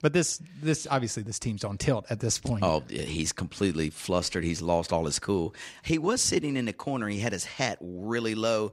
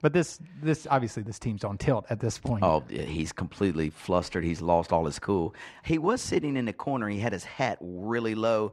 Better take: first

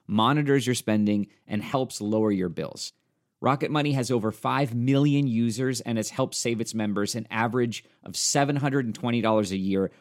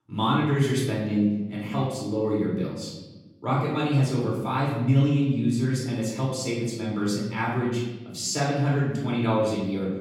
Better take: first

